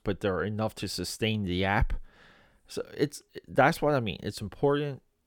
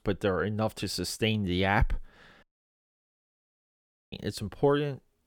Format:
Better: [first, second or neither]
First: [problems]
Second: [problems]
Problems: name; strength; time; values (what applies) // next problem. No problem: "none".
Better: first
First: none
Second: audio cutting out; at 2.5 s for 1.5 s